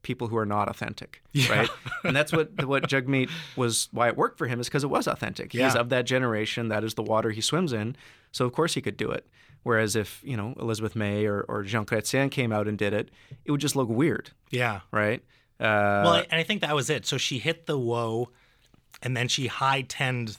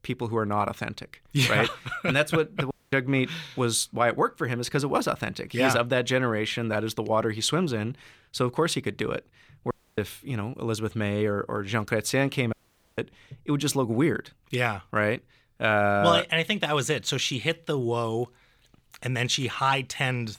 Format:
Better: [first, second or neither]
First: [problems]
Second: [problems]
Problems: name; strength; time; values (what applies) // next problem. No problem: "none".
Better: first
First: none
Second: audio cutting out; at 2.5 s, at 9.5 s and at 13 s